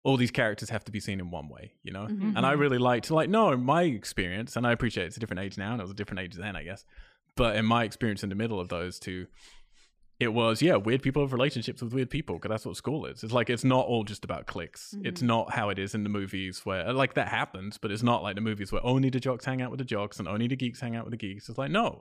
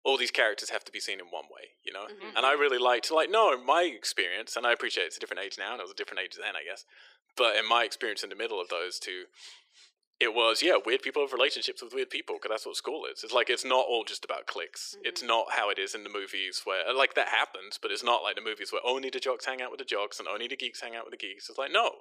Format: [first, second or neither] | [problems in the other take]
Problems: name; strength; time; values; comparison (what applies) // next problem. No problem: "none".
first | thin; very; fading below 350 Hz